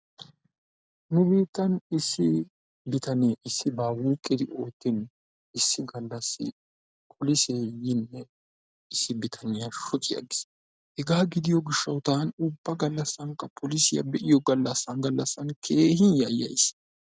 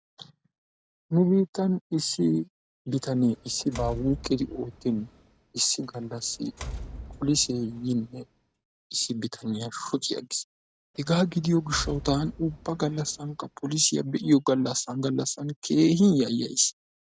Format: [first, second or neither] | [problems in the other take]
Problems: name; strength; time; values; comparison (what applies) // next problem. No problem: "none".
first | background sound (Door); 15 dB below the speech